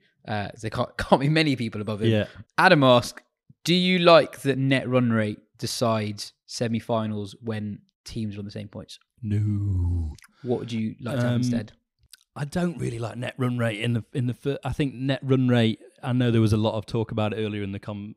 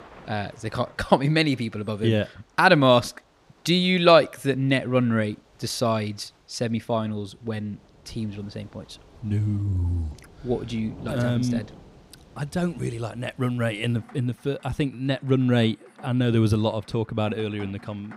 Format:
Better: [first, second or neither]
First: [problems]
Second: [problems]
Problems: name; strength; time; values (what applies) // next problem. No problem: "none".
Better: first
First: none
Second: rain or running water; faint; throughout; 25 dB below the speech